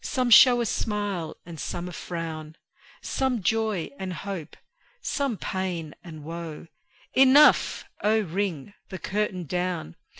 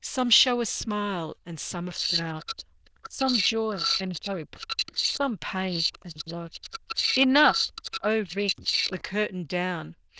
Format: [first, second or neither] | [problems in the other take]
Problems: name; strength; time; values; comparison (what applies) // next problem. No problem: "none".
first | noise reduction (neural diffusion model UNIVERSE++)